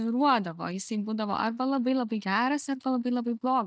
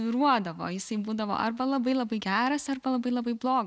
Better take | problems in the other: second | noise reduction (neural mask model DeepFilterNet 3)

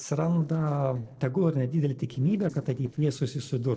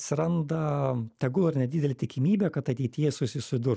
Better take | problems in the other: second | noise reduction (neural separator model SepFormer DNS4)

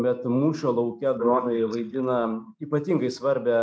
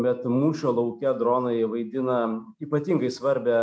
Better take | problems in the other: second | noise reduction (neural mask model Resemble Enhance denoiser)

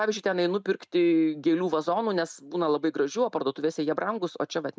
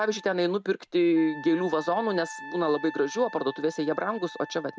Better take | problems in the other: first | background sound (Wind instrument, woodwind instrument); 16 dB below the speech

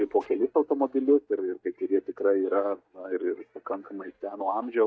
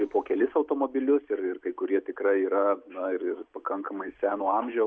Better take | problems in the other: second | noise reduction (neural mask model DeepFilterNet 3)

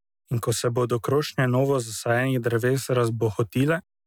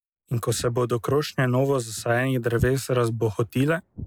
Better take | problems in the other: first | noise reduction (neural mask model Resemble Enhance denoiser)

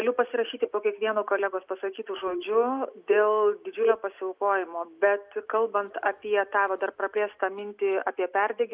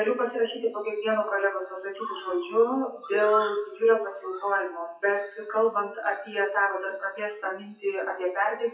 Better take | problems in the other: first | noise reduction (classical method WPE with log-MMSE)

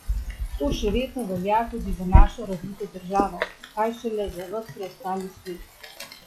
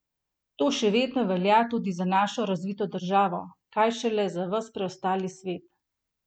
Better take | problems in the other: second | noise reduction (classical method log-MMSE)

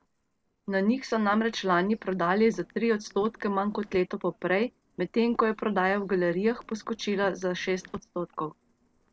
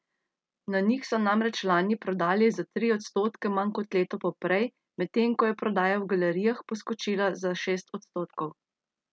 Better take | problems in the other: second | noise reduction (neural separator model SepFormer DNS4)

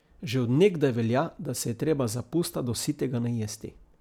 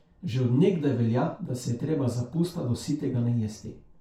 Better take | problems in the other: first | room echo; dies away in 0.3 s

